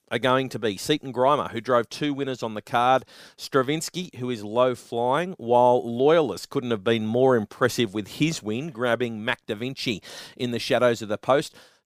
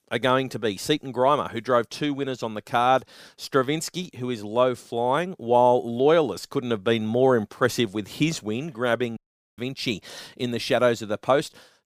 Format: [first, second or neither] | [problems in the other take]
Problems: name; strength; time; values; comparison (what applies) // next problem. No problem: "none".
first | audio cutting out; at 9 s